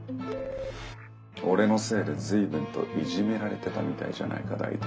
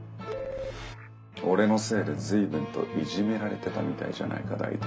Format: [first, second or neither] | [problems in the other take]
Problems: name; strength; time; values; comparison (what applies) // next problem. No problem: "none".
second | background sound (Bowed string instrument); 13 dB below the speech